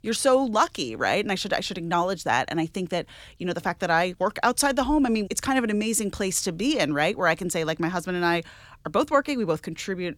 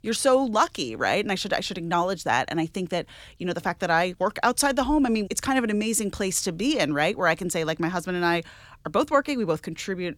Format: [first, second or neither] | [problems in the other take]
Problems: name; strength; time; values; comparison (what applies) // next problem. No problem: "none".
neither | none